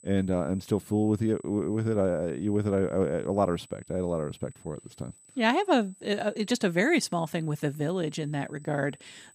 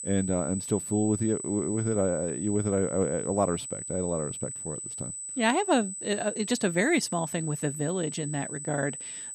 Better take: first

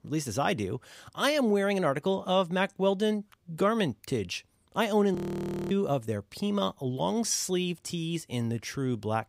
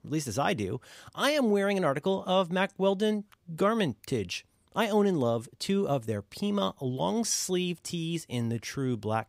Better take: second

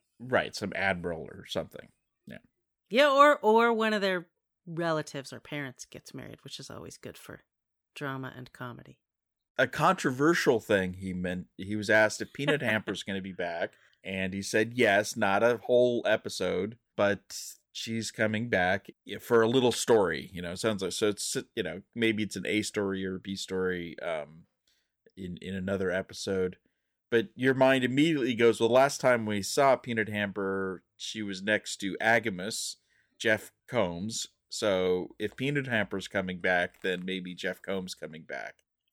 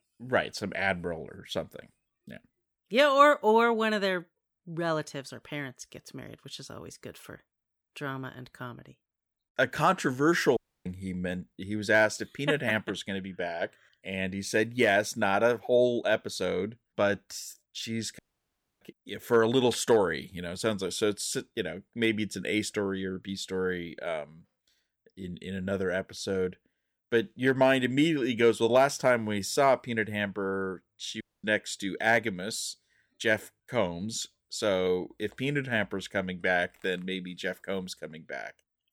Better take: first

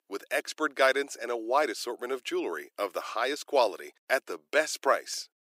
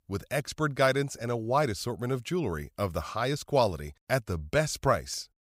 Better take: second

